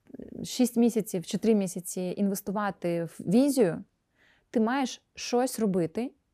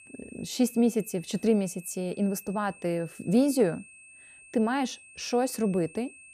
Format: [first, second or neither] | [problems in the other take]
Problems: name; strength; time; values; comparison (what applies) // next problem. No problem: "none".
first | high-pitched whine; faint; throughout; 2.5 kHz, 20 dB below the speech